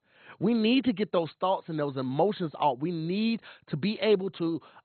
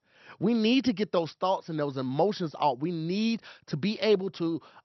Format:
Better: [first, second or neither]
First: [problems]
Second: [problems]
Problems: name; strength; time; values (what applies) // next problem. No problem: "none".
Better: second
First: garbled, watery; badly; nothing above 4 kHz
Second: garbled, watery; slightly; nothing above 6 kHz